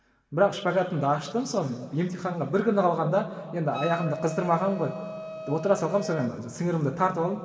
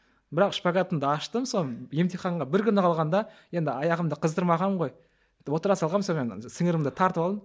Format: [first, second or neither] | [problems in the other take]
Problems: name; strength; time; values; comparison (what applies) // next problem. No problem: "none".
second | background sound (Wind instrument, woodwind instrument); 12 dB below the speech // room echo; dies away in 2 s